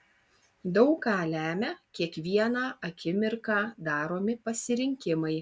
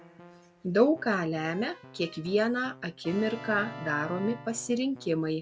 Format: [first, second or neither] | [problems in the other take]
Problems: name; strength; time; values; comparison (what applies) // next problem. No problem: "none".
first | background sound (Keyboard (musical)); 16 dB below the speech